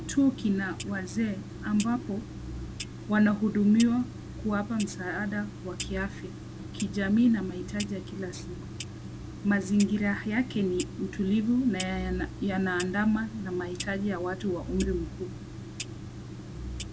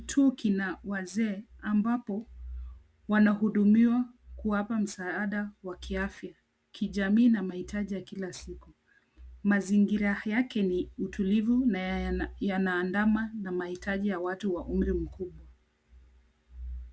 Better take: second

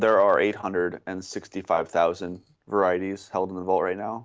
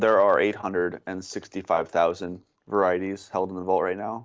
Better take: first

